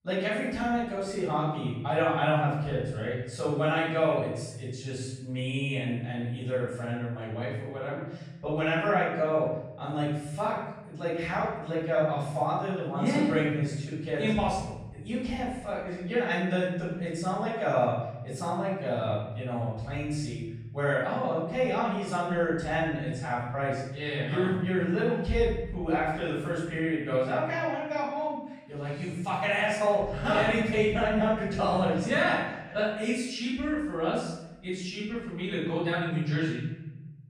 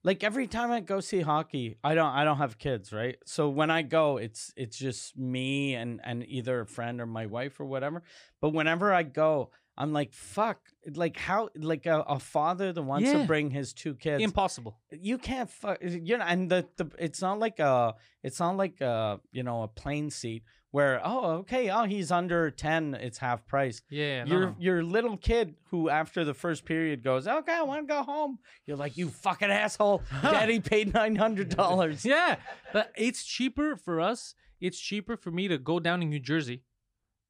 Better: second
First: off-mic speech; far // room echo; strong; dies away in 1.2 s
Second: none

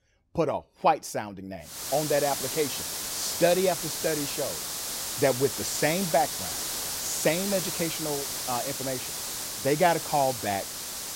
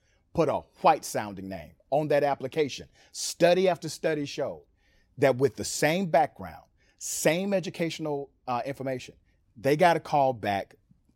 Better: second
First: hiss; loud; from 2 s on; 2 dB below the speech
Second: none

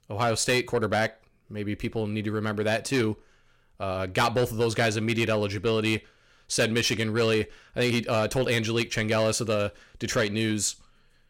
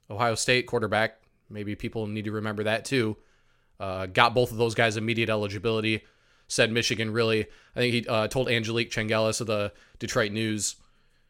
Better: second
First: distortion; slight; 10 dB below the speech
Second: none

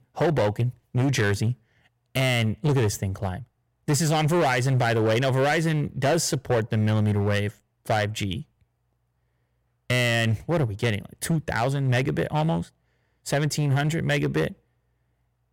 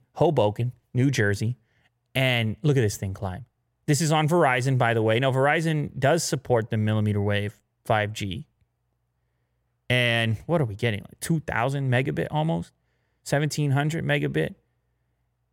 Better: second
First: distortion; slight; 11% of the sound clipped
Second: none

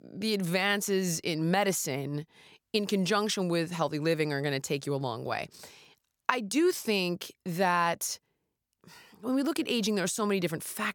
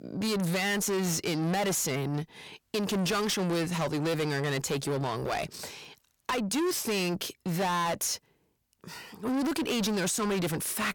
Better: first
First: none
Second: distortion; heavy; 6 dB below the speech

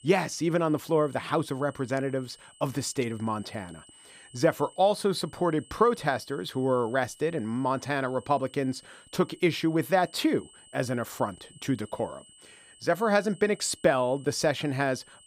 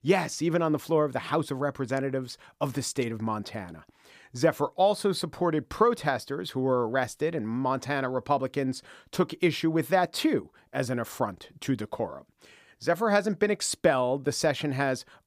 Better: second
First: high-pitched whine; faint; throughout; 3 kHz, 25 dB below the speech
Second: none

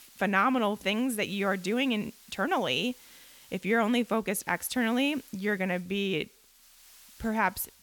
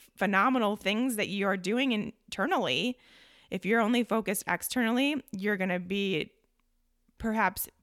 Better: second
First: hiss; faint; throughout; 25 dB below the speech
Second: none

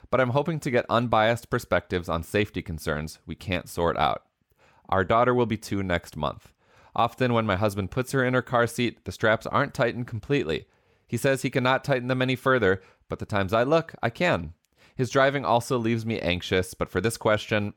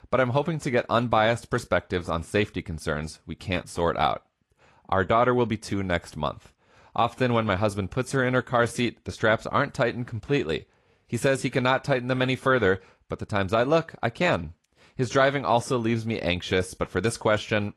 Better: first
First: none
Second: garbled, watery; slightly; nothing above 11.5 kHz

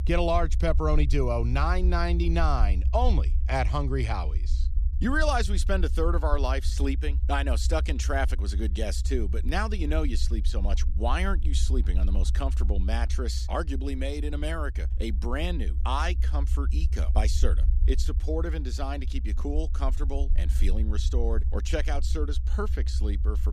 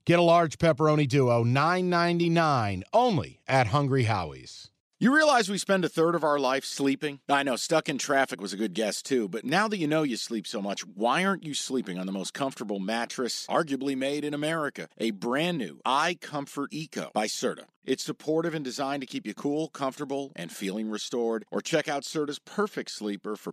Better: second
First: low rumble; noticeable; throughout; 15 dB below the speech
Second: none

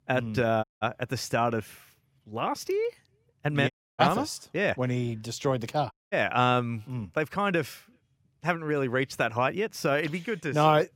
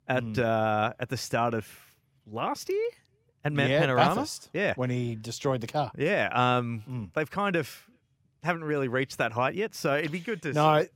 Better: second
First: audio cutting out; at 0.5 s, at 3.5 s and at 6 s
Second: none

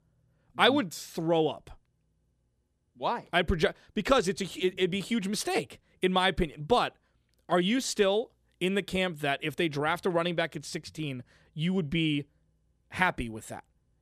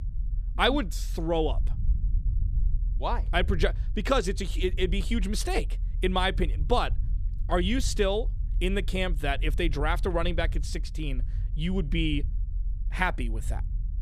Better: first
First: none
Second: low rumble; faint; throughout; 25 dB below the speech

